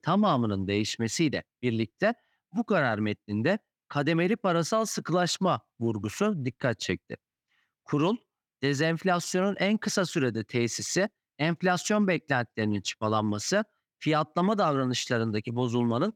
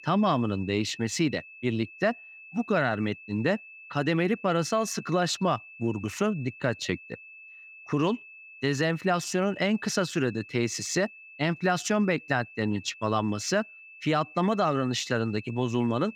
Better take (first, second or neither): first